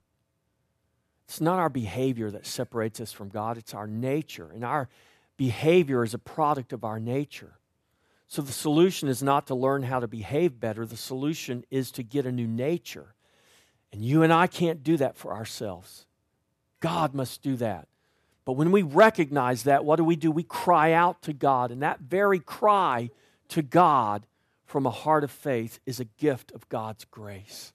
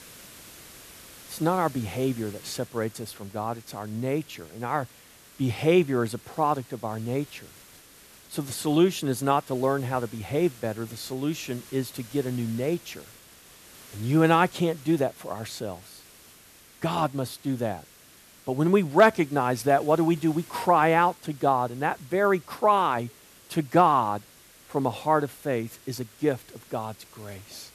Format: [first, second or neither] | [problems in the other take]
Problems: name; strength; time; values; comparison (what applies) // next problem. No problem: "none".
first | hiss; faint; throughout; 20 dB below the speech